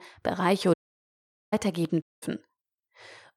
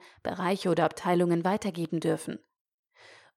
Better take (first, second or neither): second